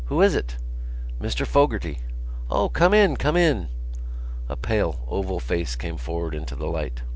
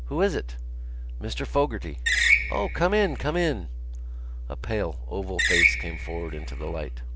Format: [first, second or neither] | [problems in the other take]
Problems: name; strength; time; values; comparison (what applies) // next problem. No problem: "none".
first | background sound (Screech); 1 dB above the speech